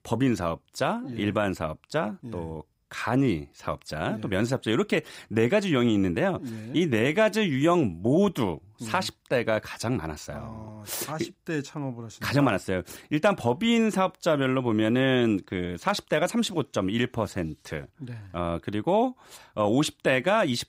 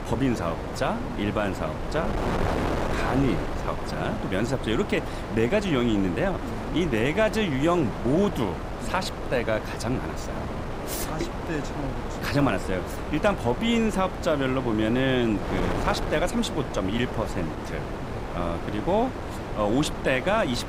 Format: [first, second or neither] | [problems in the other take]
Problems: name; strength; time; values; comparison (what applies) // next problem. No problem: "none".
first | wind noise on the microphone; heavy; 6 dB below the speech